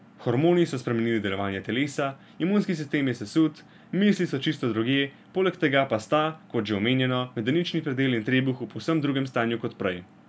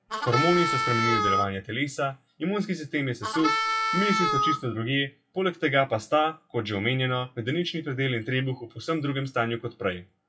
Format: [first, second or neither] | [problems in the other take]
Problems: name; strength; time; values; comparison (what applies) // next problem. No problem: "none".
first | noise reduction (classical method WPE with log-MMSE)